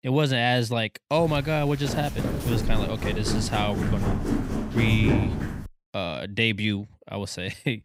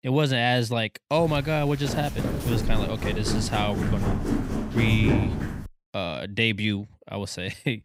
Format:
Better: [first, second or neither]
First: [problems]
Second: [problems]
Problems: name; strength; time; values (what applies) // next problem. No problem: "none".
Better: neither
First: footsteps; loud; from 1 to 5.5 s; peak 3 dB above the speech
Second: footsteps; loud; from 1 to 5.5 s; peak 3 dB above the speech